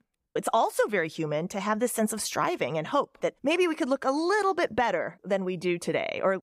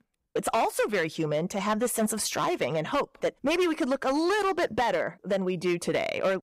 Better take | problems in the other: first | distortion; slight; 10% of the sound clipped

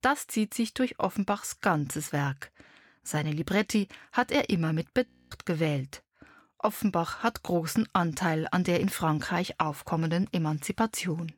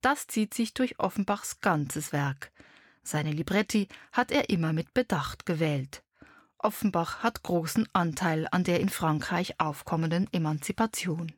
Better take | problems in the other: second | audio freezing; at 5 s

